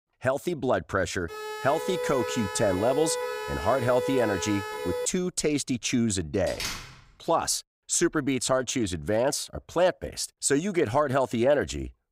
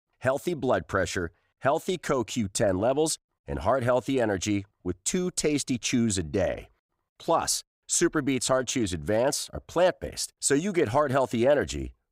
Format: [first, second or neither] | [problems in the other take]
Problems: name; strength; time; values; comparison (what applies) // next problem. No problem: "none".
second | siren; noticeable; from 1.5 to 5 s; peak 4 dB below the speech // door banging; noticeable; at 6.5 s; peak 6 dB below the speech